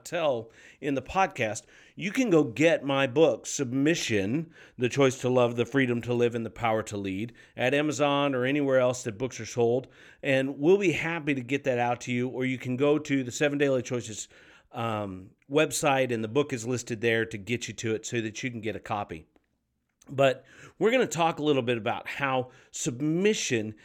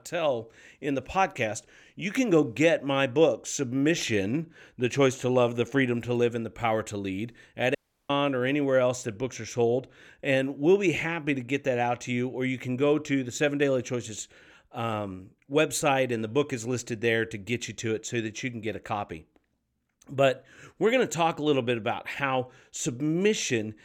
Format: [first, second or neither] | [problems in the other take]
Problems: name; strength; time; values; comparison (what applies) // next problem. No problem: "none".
first | audio cutting out; at 8 s